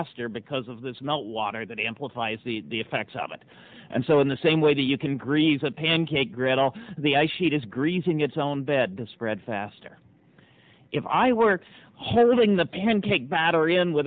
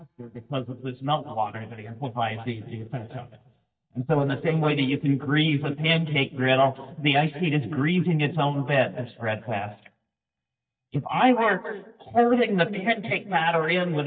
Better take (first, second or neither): first